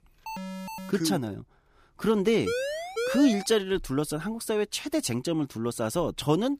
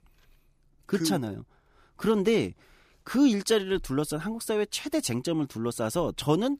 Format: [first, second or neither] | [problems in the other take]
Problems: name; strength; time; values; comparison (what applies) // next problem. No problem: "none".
second | alarm; noticeable; at 0.5 s; peak 9 dB below the speech // siren; noticeable; from 2.5 to 3.5 s; peak 3 dB below the speech